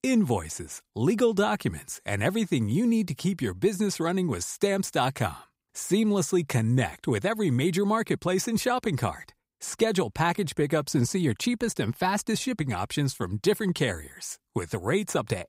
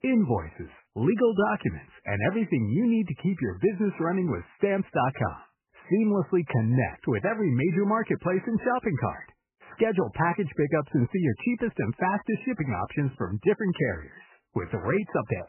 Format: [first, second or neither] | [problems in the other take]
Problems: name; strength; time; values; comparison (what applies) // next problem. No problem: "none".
first | garbled, watery; badly; nothing above 3 kHz